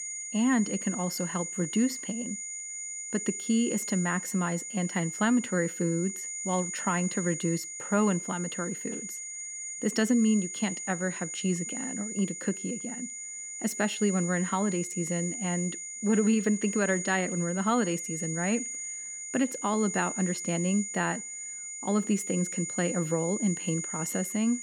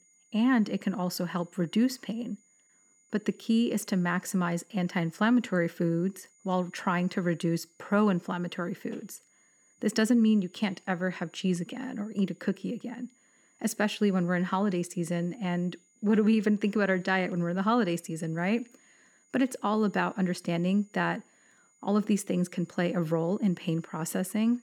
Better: second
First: high-pitched whine; loud; throughout; 7 kHz, 5 dB below the speech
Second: high-pitched whine; faint; throughout; 7 kHz, 35 dB below the speech

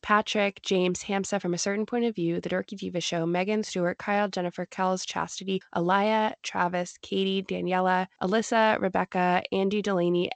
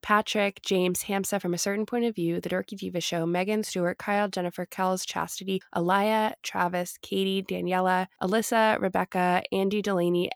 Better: second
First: garbled, watery; slightly; nothing above 7.5 kHz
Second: none

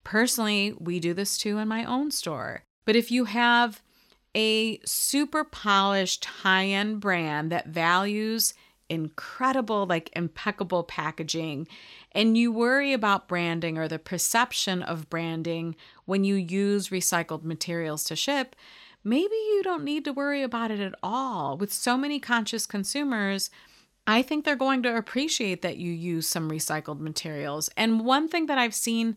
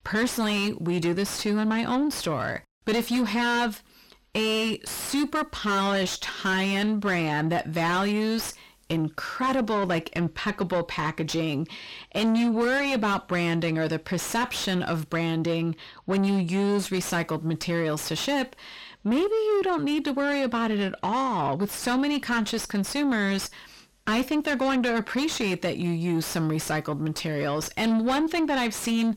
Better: first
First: none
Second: distortion; heavy; 6 dB below the speech

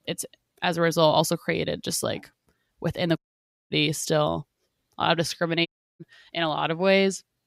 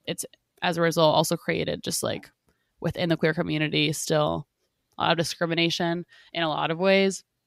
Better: second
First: audio cutting out; at 3 s for 0.5 s and at 5.5 s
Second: none

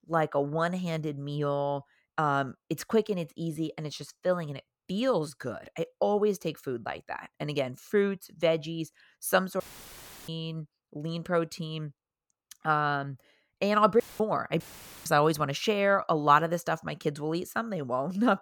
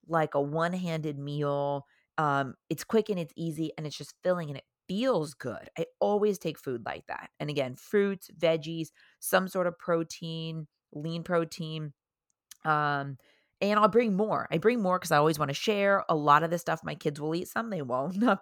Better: second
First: audio cutting out; filled with static; at 9.5 s for 0.5 s, at 14 s and at 15 s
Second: none

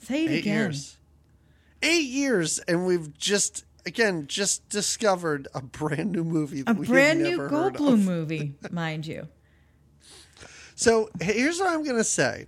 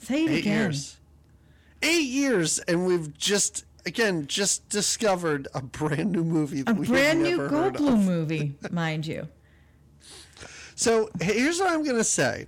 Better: first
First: none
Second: distortion; slight; 10 dB below the speech

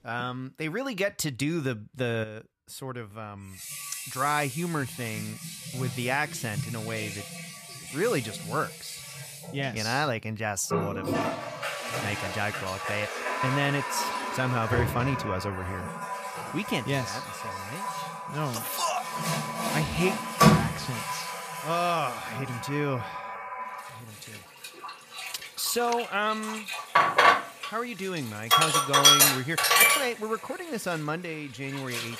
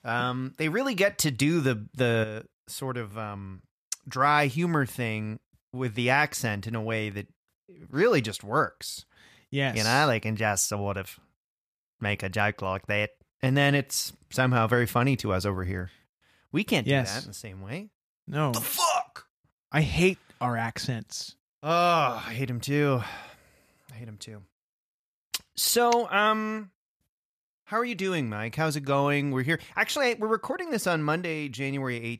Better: second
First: household noises; very loud; throughout; 4 dB above the speech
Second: none

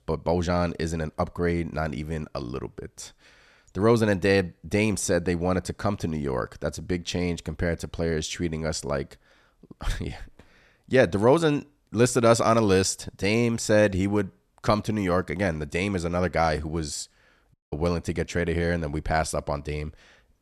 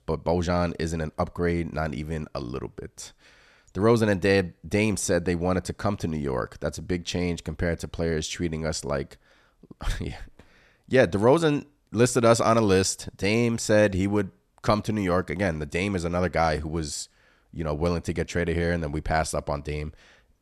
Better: second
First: audio cutting out; at 18 s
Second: none

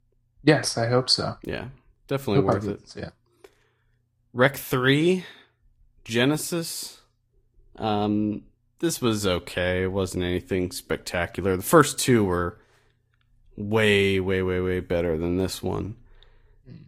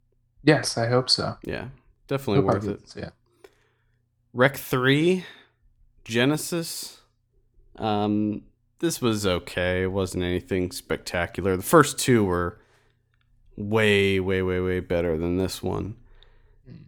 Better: second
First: garbled, watery; slightly; nothing above 14.5 kHz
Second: none

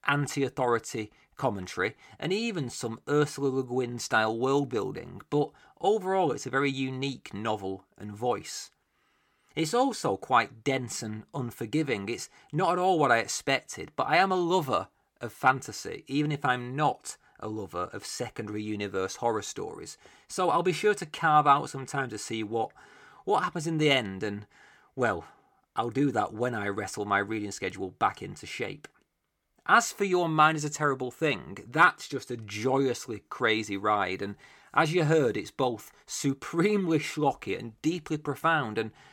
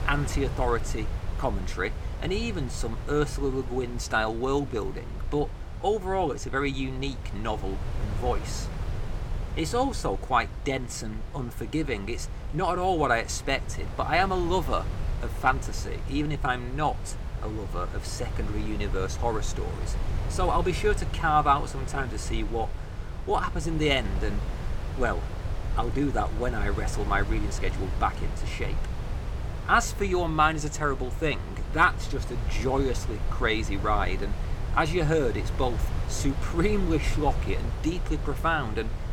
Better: first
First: none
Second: wind noise on the microphone; occasional gusts; 15 dB below the speech

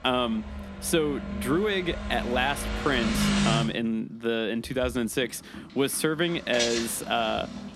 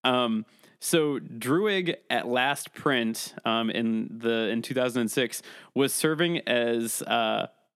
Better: second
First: traffic noise; loud; throughout; 4 dB below the speech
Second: none

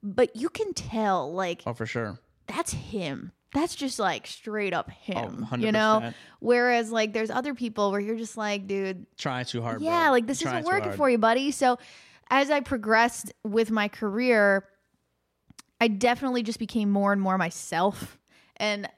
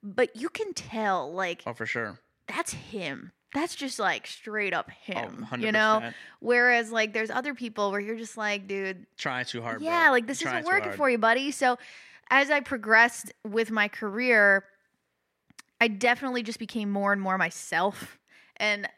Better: first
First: none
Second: thin; very slightly; fading below 400 Hz

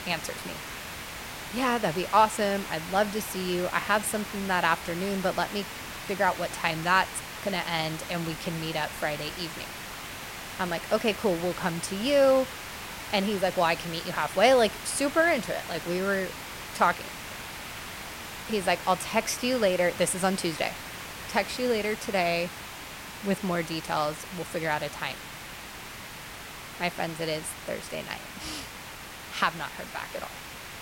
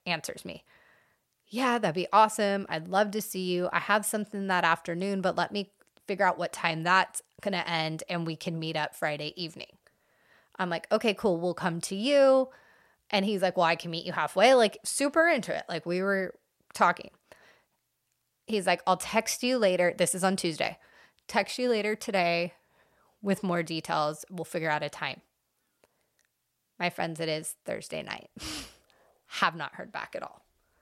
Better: second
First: hiss; loud; throughout; 10 dB below the speech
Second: none

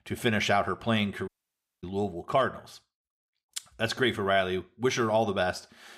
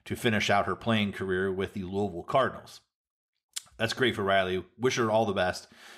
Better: second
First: audio cutting out; at 1.5 s for 0.5 s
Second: none

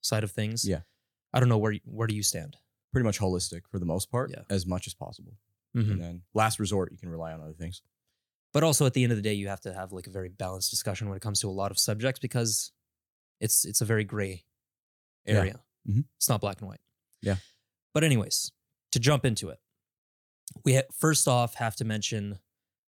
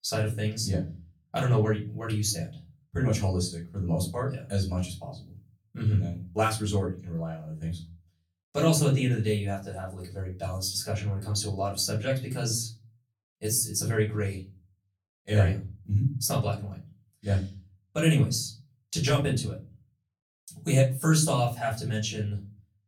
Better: first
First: none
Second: off-mic speech; far // room echo; very slight; dies away in 0.4 s

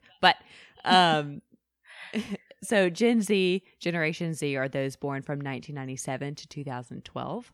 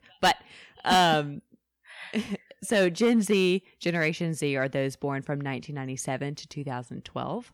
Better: first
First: none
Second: distortion; slight; 2% of the sound clipped

